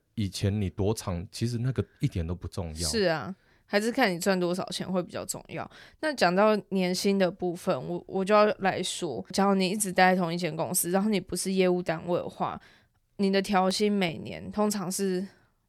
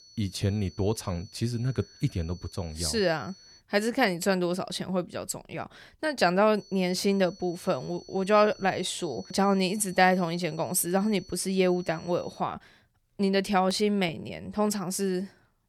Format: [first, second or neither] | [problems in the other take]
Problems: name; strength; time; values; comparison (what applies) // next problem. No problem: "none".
first | high-pitched whine; faint; until 3.5 s and from 6.5 to 12 s; 4.5 kHz, 25 dB below the speech